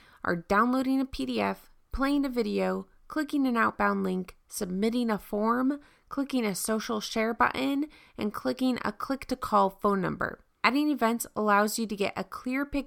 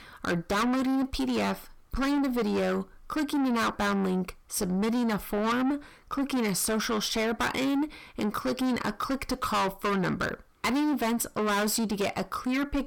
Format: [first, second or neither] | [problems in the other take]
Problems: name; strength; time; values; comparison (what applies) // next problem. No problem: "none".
first | distortion; heavy; 5 dB below the speech